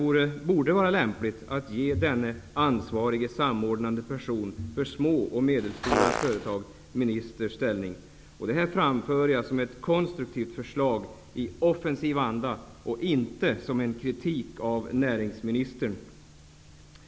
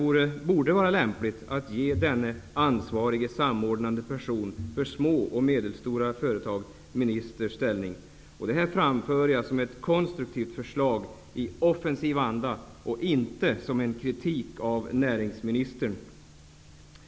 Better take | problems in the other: second | background sound (Fart); 1 dB below the speech

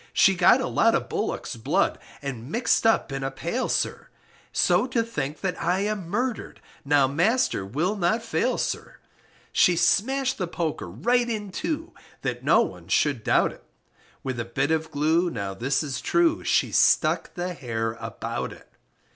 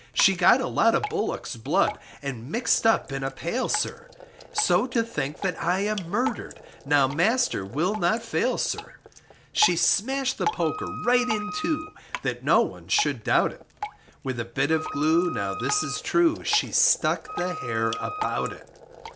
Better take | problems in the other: first | background sound (Drip + Wind instrument, woodwind instrument); 11 dB below the speech

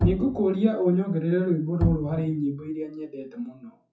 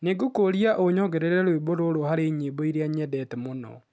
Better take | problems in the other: second | noise reduction (classical method WPE with log-MMSE)

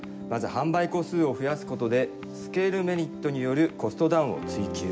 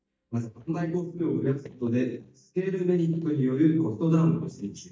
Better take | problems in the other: first | noise reduction (neural mask model DeepFilterNet 3)

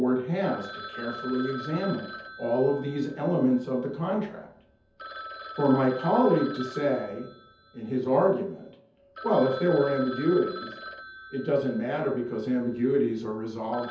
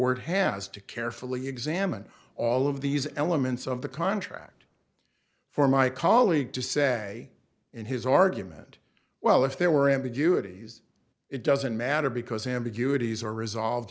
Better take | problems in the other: second | background sound (Telephone); 15 dB below the speech // room echo; dies away in 0.5 s

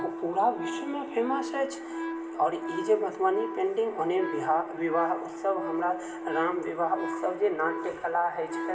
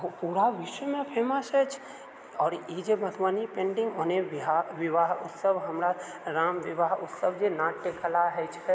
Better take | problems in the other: second | background sound (Wind instrument, woodwind instrument); 7 dB below the speech // room echo; dies away in 0.2 s

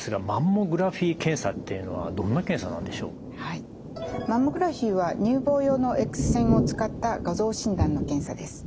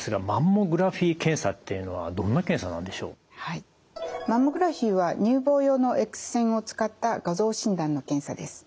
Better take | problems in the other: second | background sound (Thunder); 5 dB below the speech

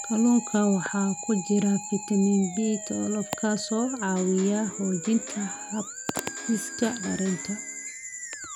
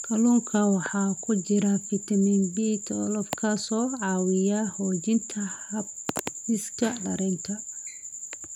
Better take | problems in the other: second | background sound (Electric guitar + Musical instrument); 16 dB below the speech

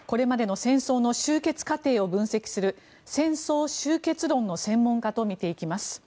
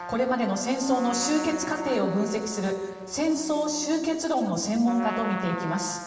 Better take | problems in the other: first | background sound (Trumpet); 11 dB below the speech // room echo; dies away in 1.3 s

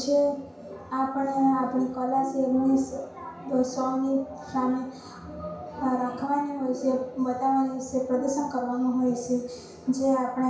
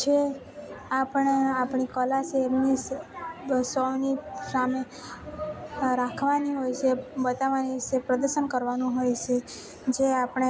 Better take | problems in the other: second | room echo; dies away in 0.6 s

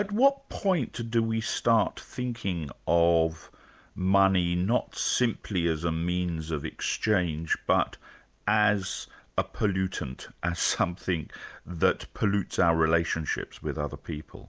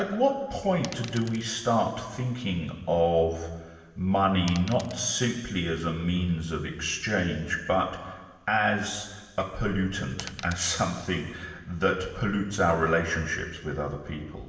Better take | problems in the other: first | background sound (Coin (dropping)); 17 dB below the speech // room echo; dies away in 1.4 s

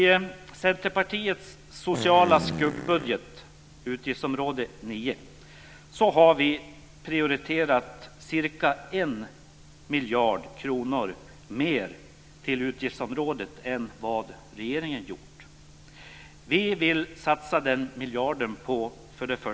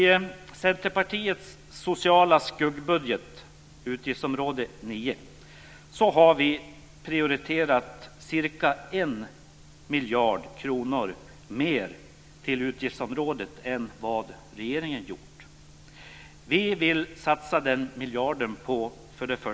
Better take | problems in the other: second | background sound (Fart); 6 dB below the speech

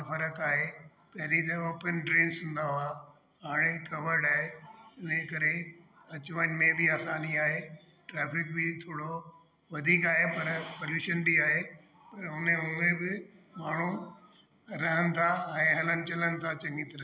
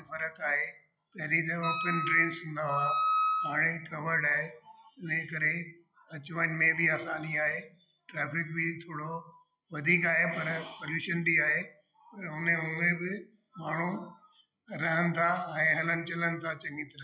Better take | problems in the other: first | noise reduction (classical method log-MMSE)

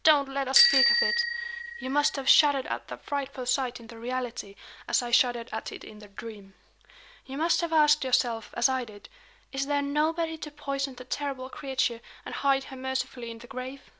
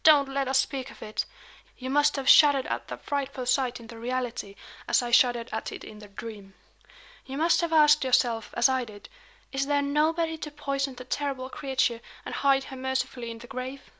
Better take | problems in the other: second | background sound (Bicycle bell); 1 dB above the speech

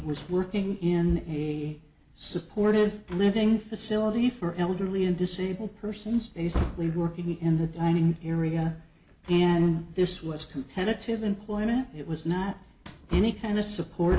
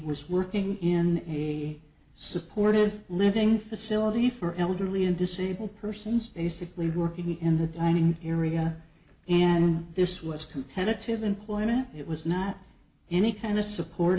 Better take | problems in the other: second | background sound (Wood); 13 dB below the speech

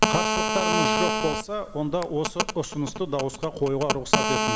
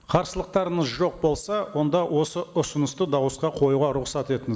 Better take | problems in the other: second | background sound (Telephone); 2 dB above the speech

